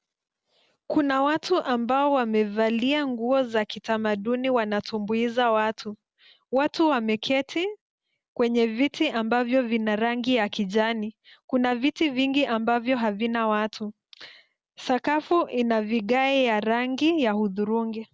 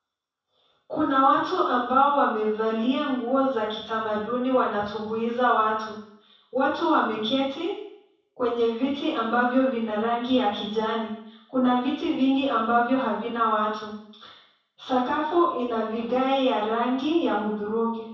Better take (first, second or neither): first